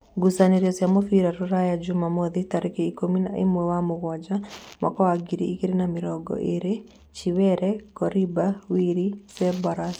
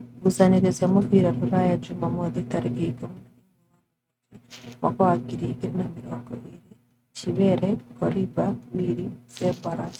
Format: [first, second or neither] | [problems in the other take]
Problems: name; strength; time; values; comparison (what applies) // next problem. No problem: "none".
first | noise reduction (neural mask model RNNoise)